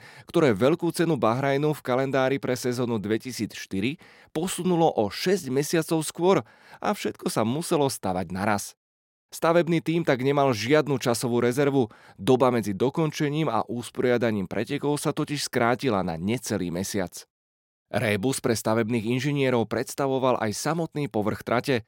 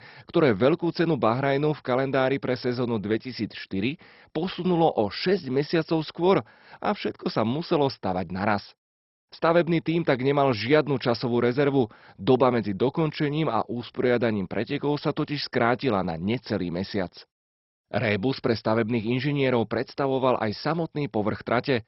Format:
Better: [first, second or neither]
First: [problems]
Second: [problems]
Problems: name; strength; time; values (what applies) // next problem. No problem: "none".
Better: first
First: none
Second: garbled, watery; badly; nothing above 5.5 kHz